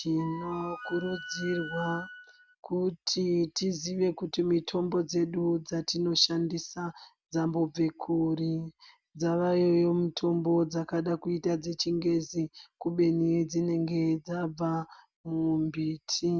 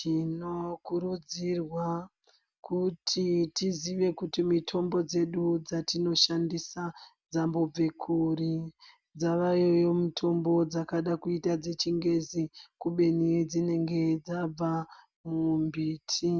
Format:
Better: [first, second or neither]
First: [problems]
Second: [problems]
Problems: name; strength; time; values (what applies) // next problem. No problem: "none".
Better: second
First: background sound (Wind instrument, woodwind instrument); 12 dB below the speech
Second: none